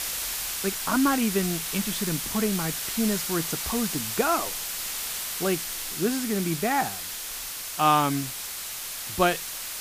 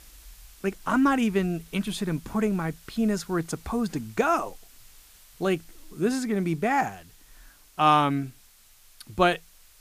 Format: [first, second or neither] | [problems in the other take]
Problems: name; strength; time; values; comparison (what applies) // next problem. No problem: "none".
second | hiss; loud; throughout; 3 dB below the speech; faint in the second